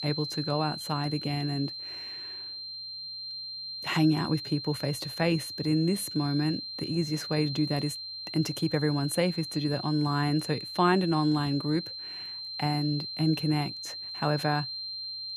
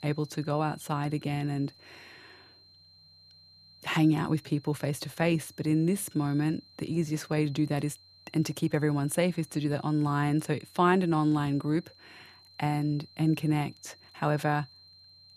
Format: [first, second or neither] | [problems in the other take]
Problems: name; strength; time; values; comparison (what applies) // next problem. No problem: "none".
second | high-pitched whine; loud; throughout; 4 kHz, 7 dB below the speech; faint in the second